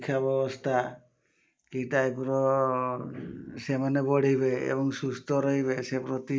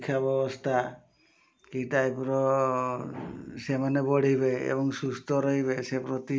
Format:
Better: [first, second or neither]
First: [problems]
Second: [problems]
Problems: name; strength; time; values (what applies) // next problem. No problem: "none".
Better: second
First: noise reduction (neural mask model Resemble Enhance denoiser)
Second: none